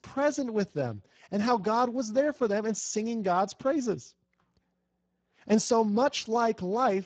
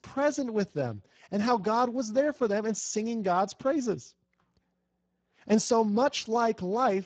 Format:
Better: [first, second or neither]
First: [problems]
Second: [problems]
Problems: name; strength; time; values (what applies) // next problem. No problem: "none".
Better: neither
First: garbled, watery; badly; nothing above 7.5 kHz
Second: garbled, watery; badly; nothing above 7.5 kHz